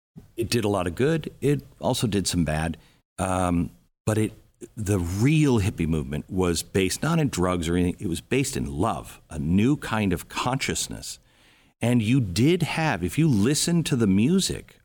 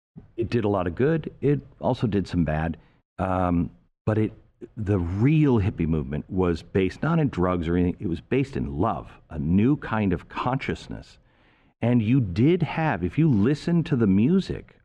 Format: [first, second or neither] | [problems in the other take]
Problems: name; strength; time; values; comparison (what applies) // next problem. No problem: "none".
first | muffled; very; fading above 2 kHz